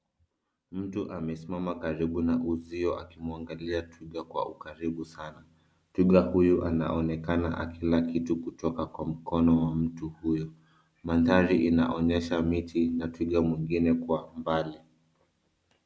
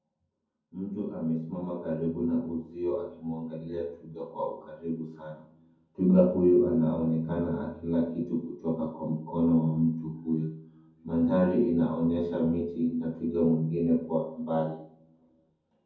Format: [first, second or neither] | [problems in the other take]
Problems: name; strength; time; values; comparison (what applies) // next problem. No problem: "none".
first | room echo; dies away in 0.6 s